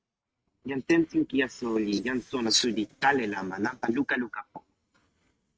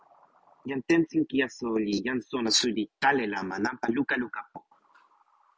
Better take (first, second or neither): second